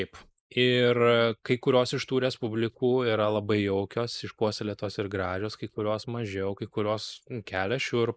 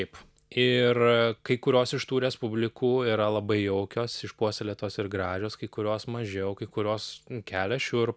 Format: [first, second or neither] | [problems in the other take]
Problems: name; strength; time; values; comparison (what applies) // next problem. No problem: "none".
second | noise reduction (neural mask model Resemble Enhance denoiser)